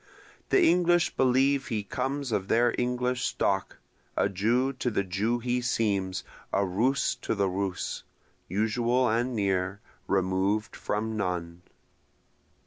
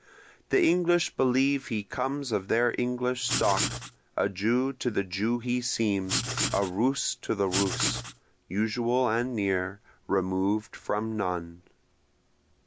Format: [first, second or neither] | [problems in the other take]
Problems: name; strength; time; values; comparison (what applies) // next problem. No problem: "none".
first | background sound (Writing); 3 dB below the speech